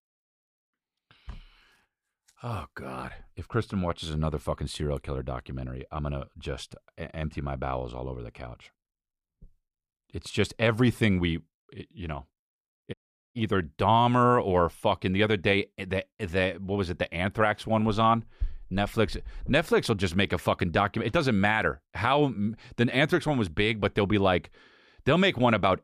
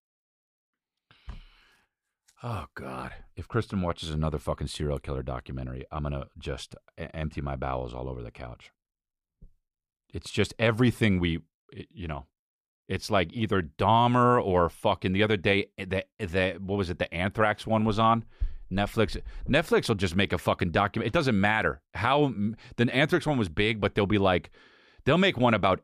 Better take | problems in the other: second | audio cutting out; at 13 s

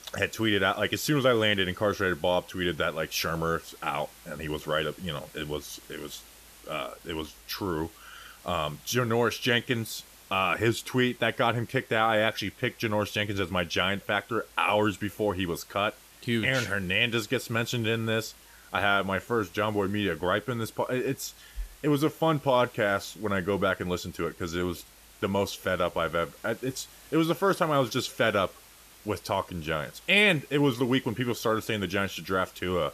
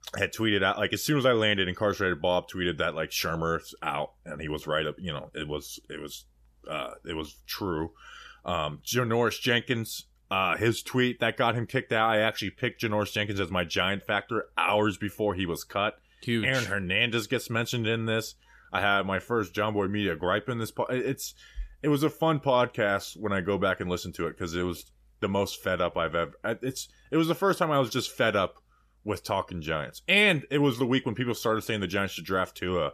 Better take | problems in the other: second | hiss; faint; throughout; 25 dB below the speech

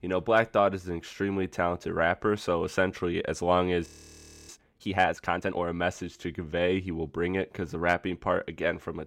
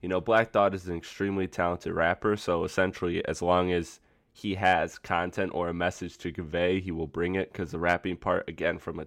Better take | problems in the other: second | audio freezing; at 4 s for 0.5 s

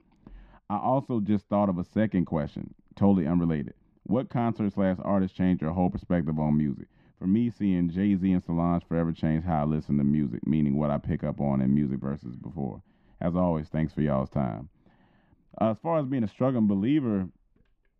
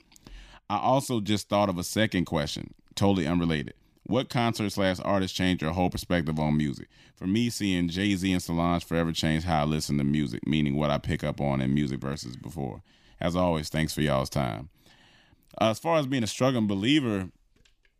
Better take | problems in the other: second | muffled; very; fading above 3.5 kHz

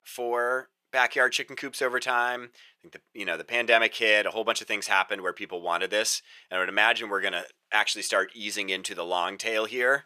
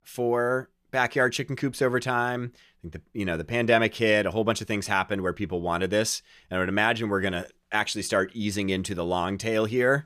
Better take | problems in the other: second | thin; very; fading below 550 Hz

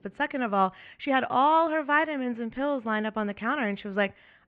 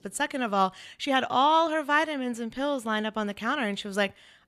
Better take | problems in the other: second | muffled; very; fading above 2.5 kHz

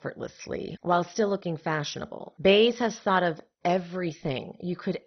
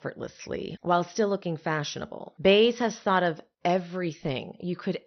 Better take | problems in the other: second | garbled, watery; badly; nothing above 6 kHz; slightly in the second

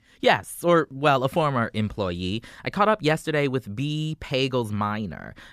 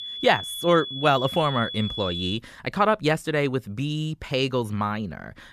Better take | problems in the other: first | high-pitched whine; loud; until 2.5 s; 3.5 kHz, 7 dB below the speech

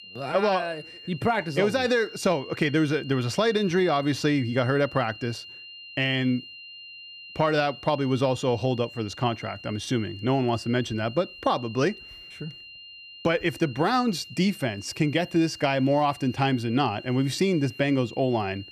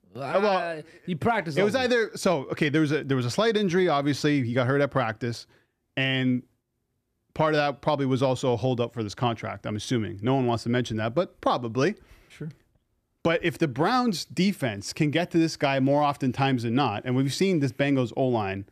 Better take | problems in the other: second | high-pitched whine; noticeable; throughout; 3 kHz, 15 dB below the speech

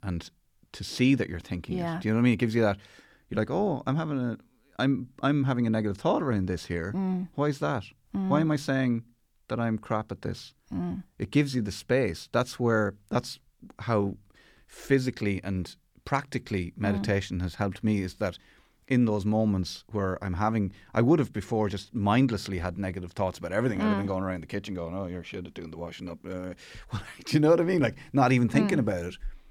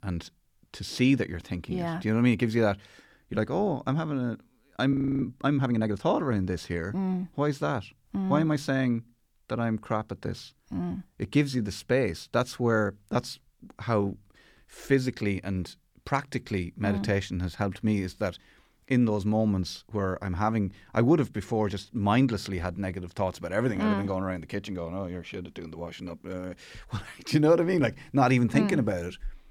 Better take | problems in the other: first | audio freezing; at 5 s

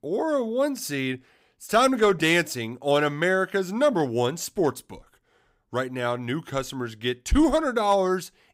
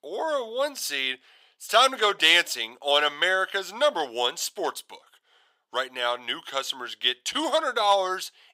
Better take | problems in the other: first | thin; very; fading below 750 Hz

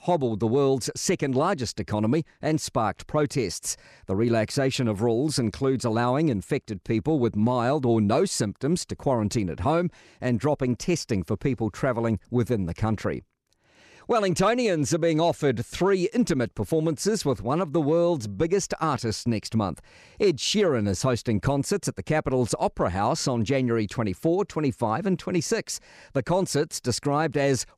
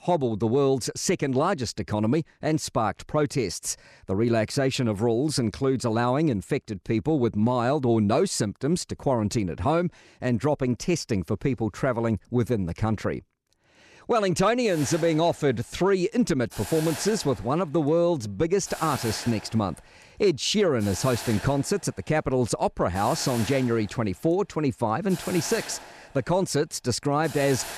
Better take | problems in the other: first | hiss; noticeable; from 15 s on; 10 dB below the speech

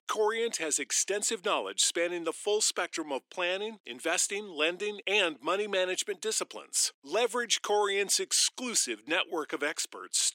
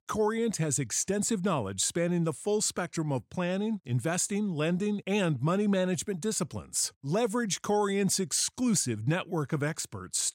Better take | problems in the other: second | thin; very; fading below 300 Hz

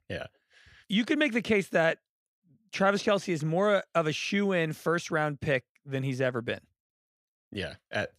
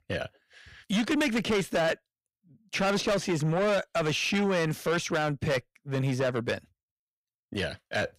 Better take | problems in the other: first | distortion; heavy; 7 dB below the speech

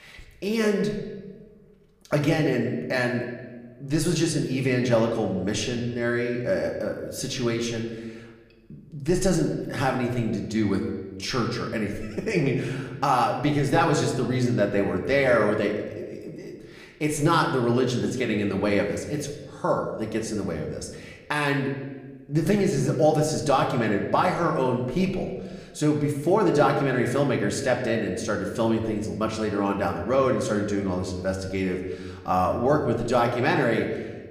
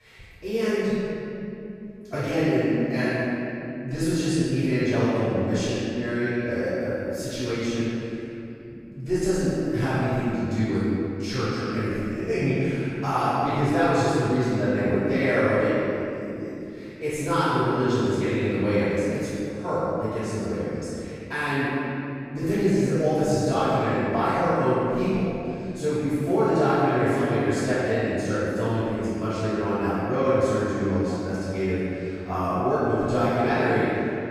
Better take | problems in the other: first | room echo; strong; dies away in 2.7 s; slight in the first // off-mic speech; far; somewhat distant in the first

